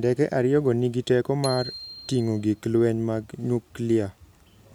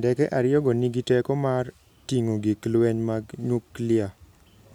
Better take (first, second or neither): second